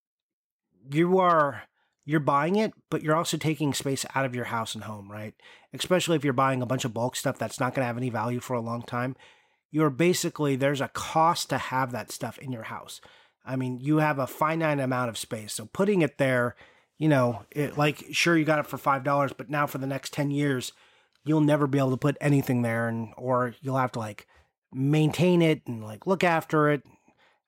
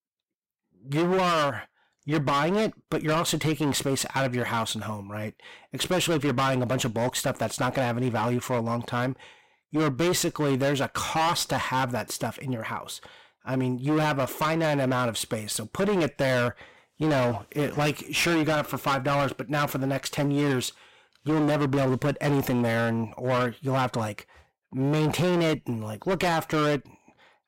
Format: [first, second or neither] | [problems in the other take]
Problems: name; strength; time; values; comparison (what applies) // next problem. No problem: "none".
first | distortion; heavy; 20% of the sound clipped